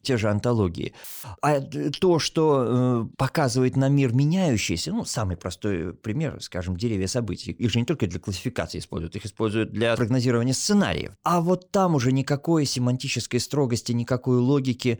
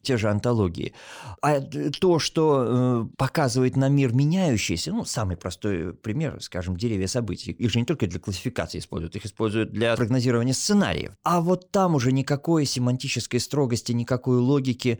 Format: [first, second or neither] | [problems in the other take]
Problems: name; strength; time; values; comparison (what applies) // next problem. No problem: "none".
second | audio cutting out; filled with static; at 1 s